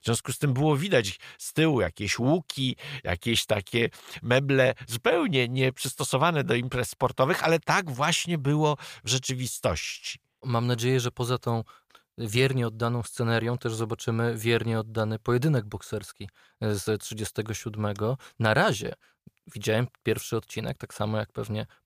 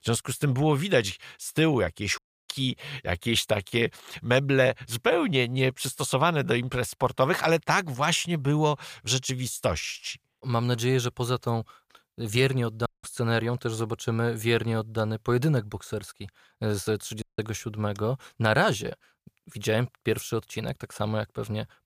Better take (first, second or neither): first